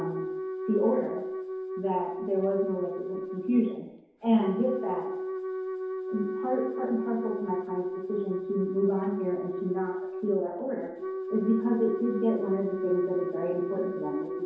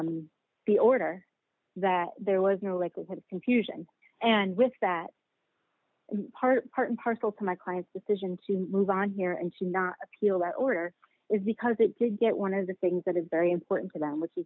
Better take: second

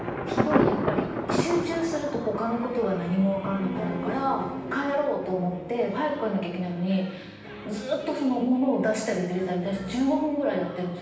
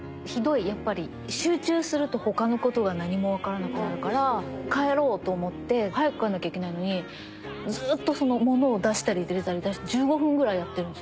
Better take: second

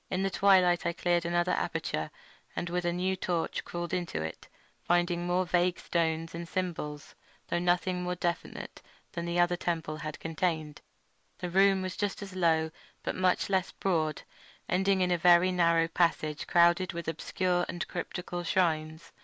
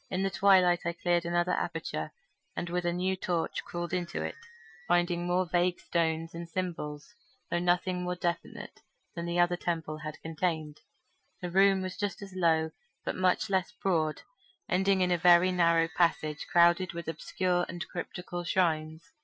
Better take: first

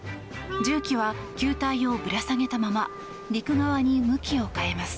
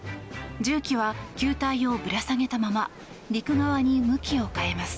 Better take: second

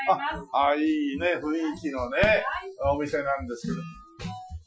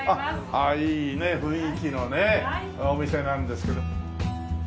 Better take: second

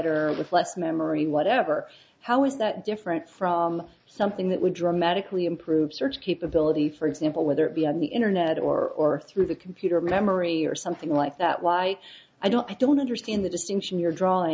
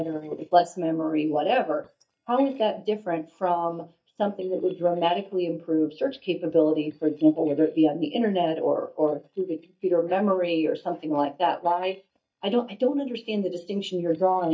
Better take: first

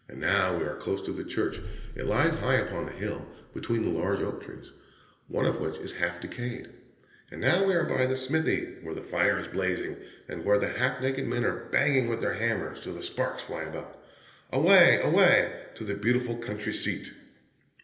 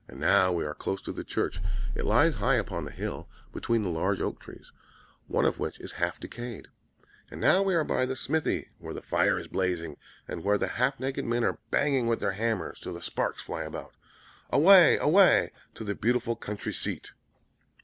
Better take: second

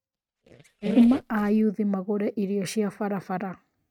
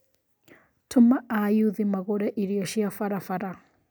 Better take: second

